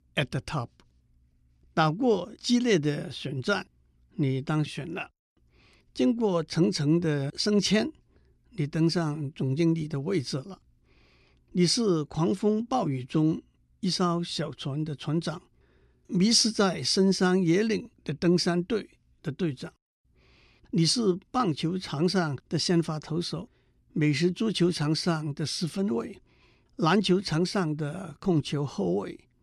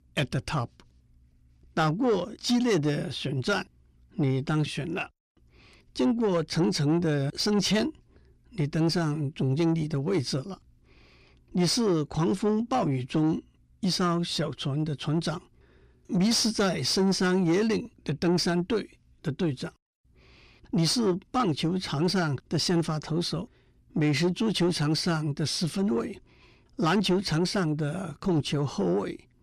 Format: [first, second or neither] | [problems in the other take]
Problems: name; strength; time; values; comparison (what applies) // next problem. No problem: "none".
first | distortion; slight; 10 dB below the speech